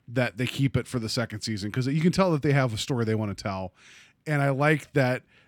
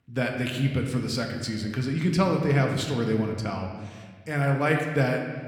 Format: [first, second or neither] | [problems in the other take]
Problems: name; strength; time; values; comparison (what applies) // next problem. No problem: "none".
first | room echo; slight; dies away in 1.3 s